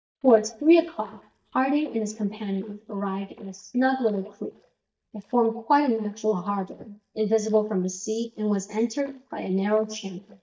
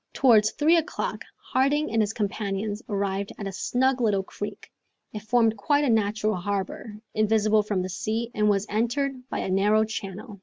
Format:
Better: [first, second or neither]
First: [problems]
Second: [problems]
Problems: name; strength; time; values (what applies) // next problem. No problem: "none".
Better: second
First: noise reduction (neural mask model DeepFilterNet 3)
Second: none